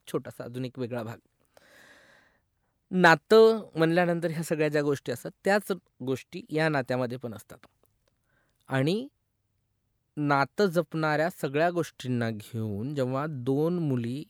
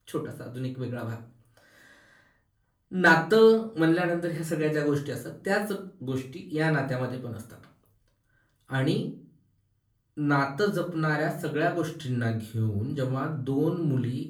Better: first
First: none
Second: room echo; slight; dies away in 0.4 s // off-mic speech; far

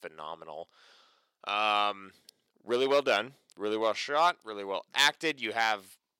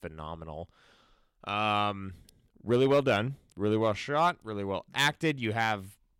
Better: second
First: thin; somewhat; fading below 450 Hz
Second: none

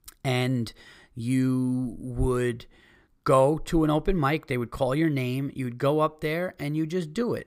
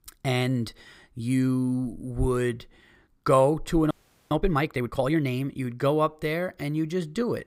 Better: first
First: none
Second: audio freezing; at 4 s

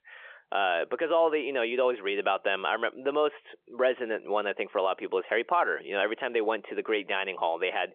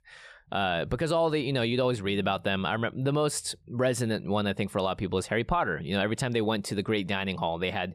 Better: second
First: phone-call audio; nothing above 3.5 kHz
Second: none

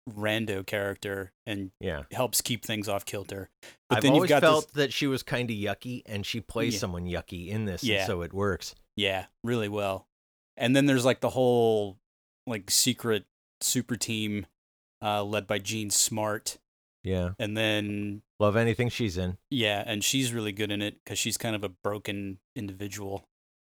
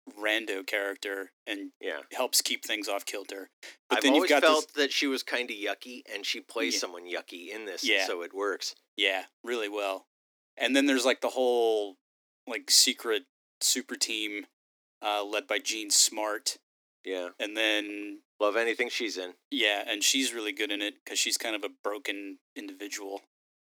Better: first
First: none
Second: thin; very slightly; fading below 250 Hz

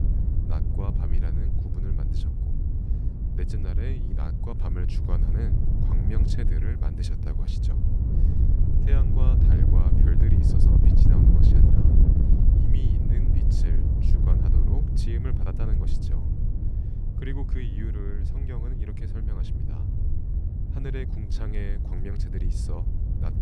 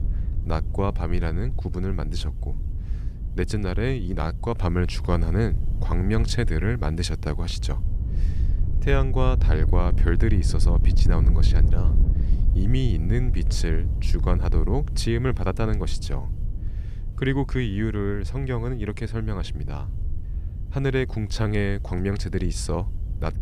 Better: second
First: wind noise on the microphone; heavy; 4 dB above the speech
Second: wind noise on the microphone; occasional gusts; 15 dB below the speech

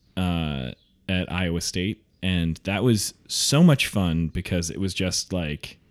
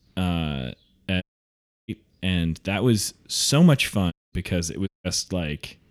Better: first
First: none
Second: audio cutting out; at 1 s for 0.5 s, at 4 s and at 5 s

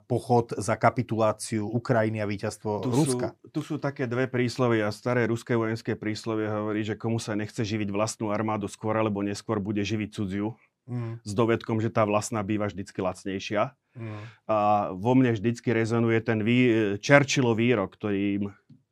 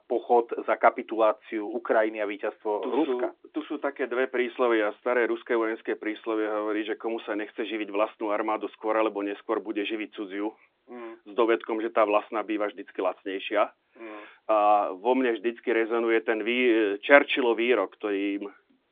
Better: first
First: none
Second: phone-call audio; nothing above 3.5 kHz

